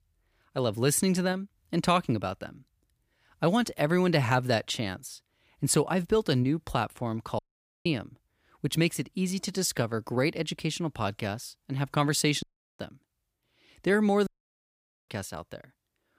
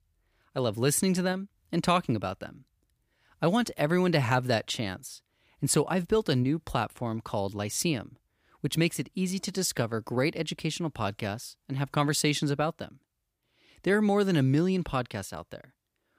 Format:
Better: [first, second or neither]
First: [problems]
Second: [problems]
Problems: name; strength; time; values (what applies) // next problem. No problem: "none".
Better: second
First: audio cutting out; at 7.5 s, at 12 s and at 14 s for 1 s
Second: none